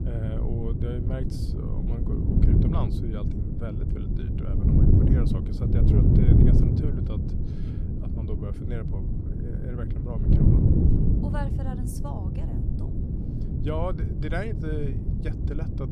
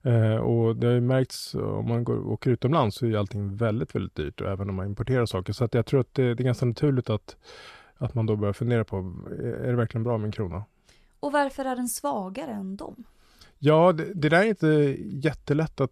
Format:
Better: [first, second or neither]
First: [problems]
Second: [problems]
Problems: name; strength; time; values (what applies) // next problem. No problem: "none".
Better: second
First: wind noise on the microphone; heavy; 3 dB above the speech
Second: none